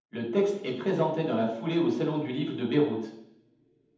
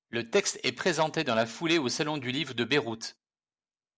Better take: second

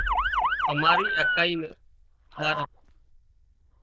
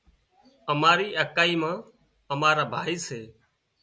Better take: second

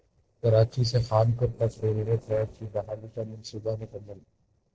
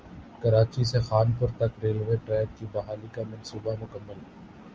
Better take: second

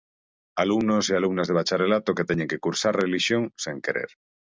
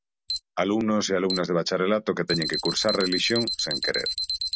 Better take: first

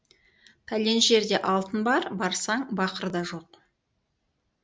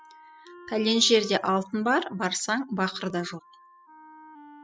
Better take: first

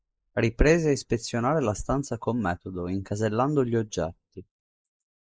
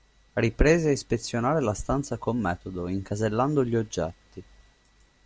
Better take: second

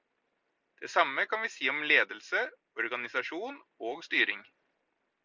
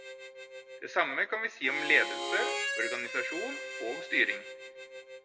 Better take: first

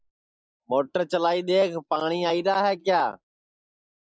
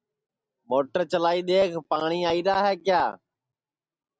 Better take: second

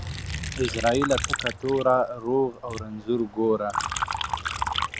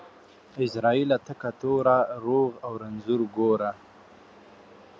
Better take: second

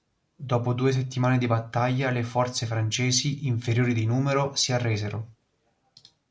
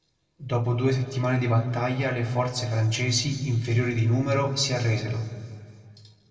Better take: first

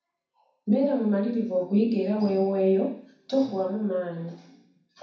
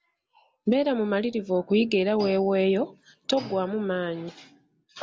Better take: second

